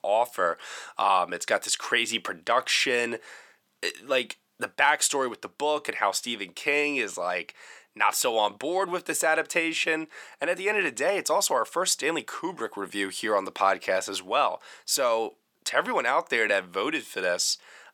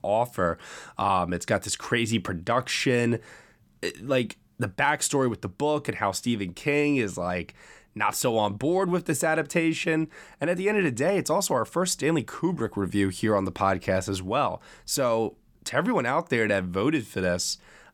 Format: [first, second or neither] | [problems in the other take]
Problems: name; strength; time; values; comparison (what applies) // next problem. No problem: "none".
second | thin; somewhat; fading below 550 Hz